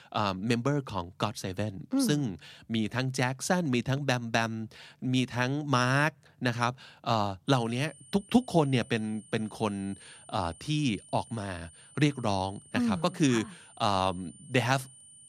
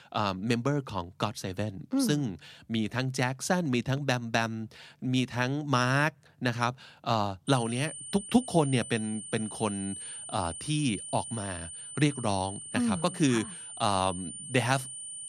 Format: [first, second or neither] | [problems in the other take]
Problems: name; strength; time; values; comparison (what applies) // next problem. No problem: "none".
first | high-pitched whine; loud; from 7.5 s on; 9 kHz, 9 dB below the speech; faint in the first